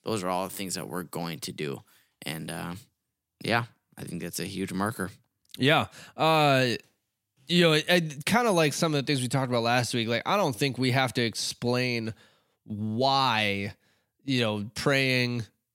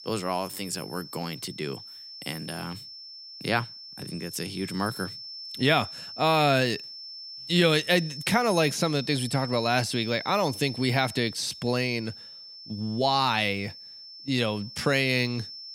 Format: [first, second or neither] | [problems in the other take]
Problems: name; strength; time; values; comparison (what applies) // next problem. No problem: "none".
first | high-pitched whine; noticeable; throughout; 5.5 kHz, 15 dB below the speech